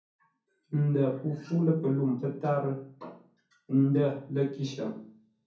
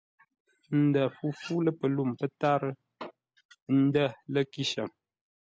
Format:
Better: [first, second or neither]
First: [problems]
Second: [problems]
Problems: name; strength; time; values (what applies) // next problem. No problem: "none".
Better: second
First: room echo; dies away in 0.6 s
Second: none